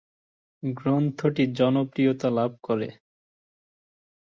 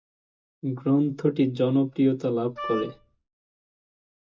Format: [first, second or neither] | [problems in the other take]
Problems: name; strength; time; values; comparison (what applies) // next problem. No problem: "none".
first | background sound (Wind instrument, woodwind instrument); 10 dB below the speech // room echo; dies away in 0.2 s